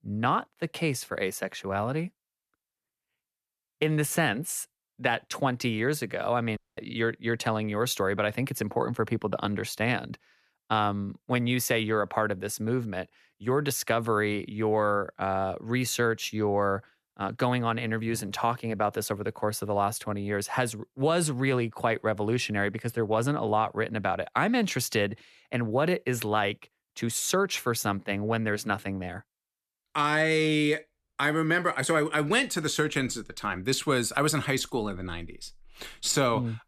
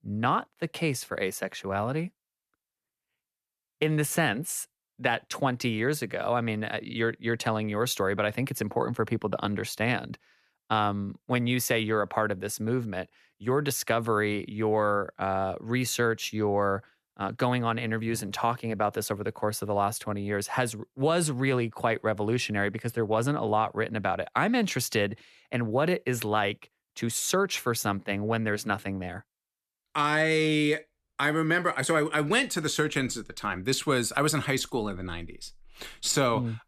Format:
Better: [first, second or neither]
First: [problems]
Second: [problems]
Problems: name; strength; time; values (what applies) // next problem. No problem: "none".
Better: second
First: audio cutting out; at 6.5 s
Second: none